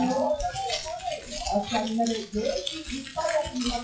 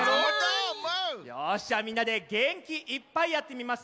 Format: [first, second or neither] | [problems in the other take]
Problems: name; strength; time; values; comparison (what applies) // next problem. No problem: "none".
second | noise reduction (classical method WPE with log-MMSE)